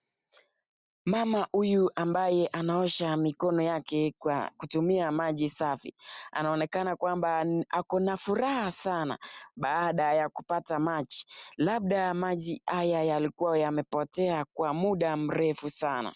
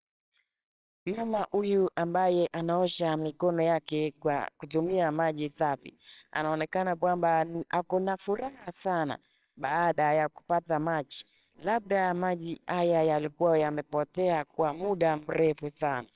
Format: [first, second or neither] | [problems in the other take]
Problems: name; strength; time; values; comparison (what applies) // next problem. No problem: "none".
first | noise reduction (neural separator model SepFormer WHAMR!)